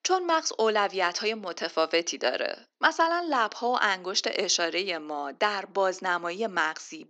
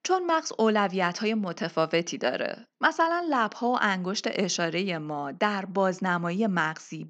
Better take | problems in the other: second | thin; somewhat; fading below 300 Hz

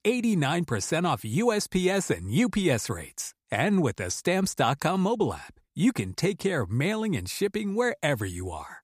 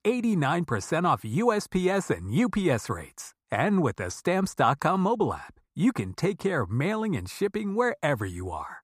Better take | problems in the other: first | muffled; slightly; fading above 2 kHz

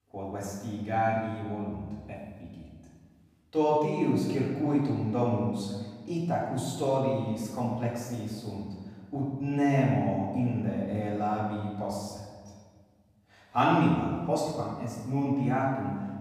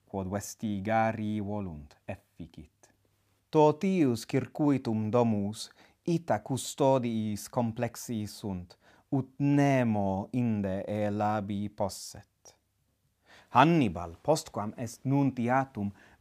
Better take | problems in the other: second | off-mic speech; far // room echo; noticeable; dies away in 1.4 s

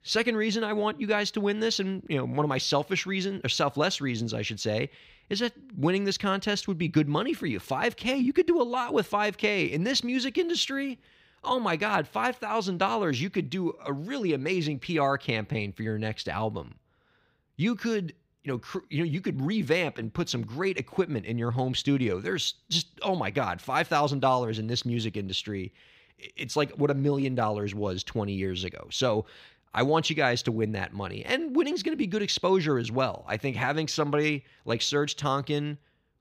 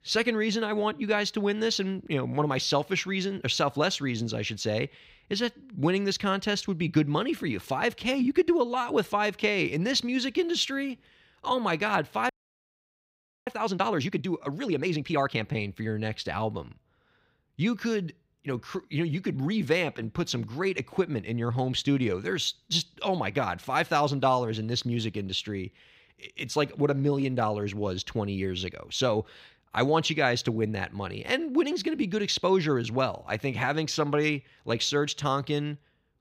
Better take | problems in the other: first | audio freezing; at 12 s for 1 s

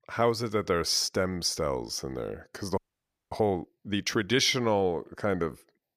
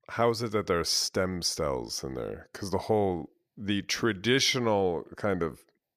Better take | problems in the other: second | audio freezing; at 3 s for 0.5 s

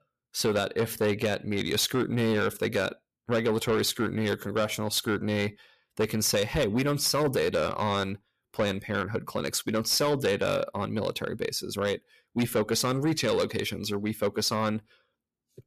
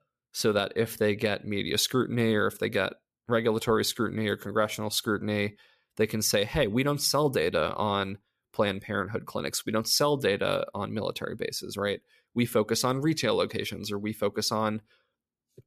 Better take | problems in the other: second | distortion; slight; 10 dB below the speech

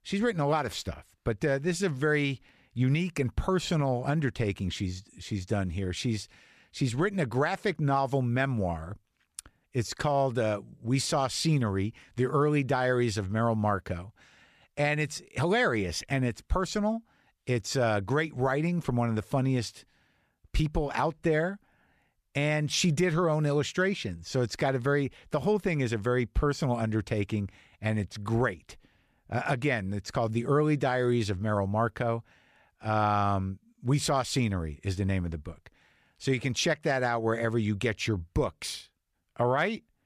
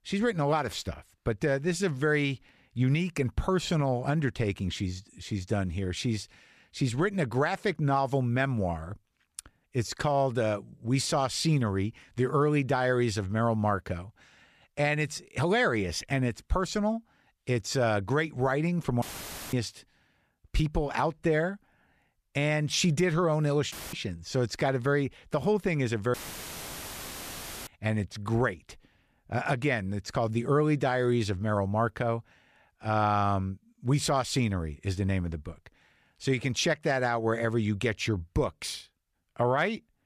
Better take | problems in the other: first | audio cutting out; filled with static; at 19 s for 0.5 s, at 24 s and at 26 s for 1.5 s

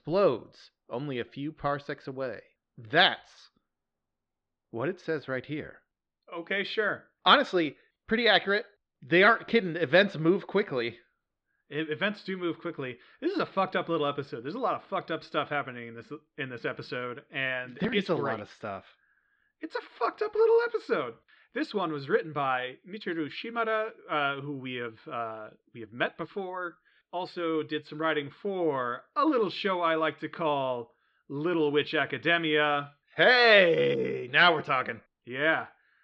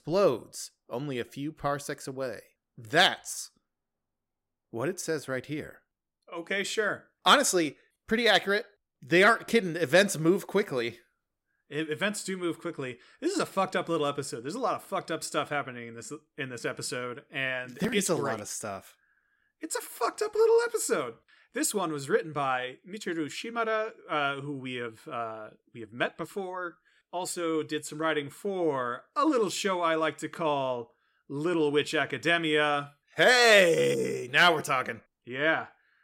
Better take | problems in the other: second | muffled; very slightly; fading above 4 kHz

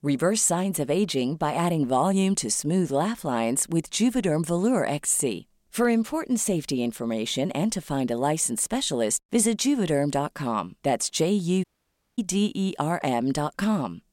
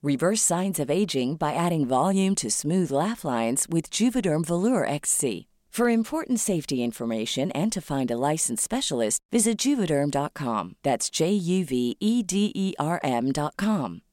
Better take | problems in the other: second | audio cutting out; at 12 s for 0.5 s

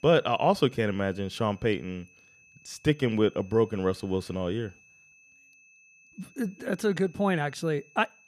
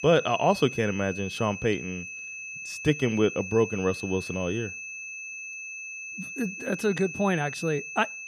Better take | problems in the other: first | high-pitched whine; loud; throughout; 2.5 kHz, 9 dB below the speech; faint in the first

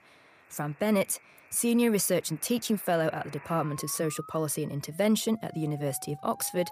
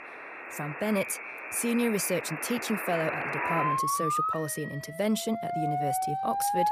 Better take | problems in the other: first | alarms or sirens; loud; throughout; 1 dB below the speech; faint in the first

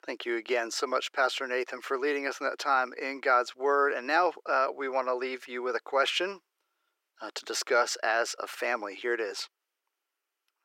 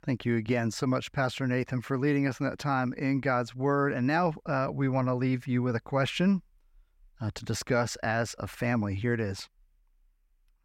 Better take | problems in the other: second | thin; very; fading below 350 Hz

